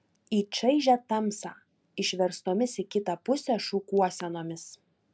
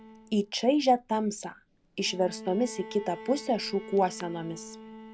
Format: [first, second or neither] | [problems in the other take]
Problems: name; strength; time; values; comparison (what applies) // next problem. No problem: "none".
first | background sound (Bowed string instrument); 17 dB below the speech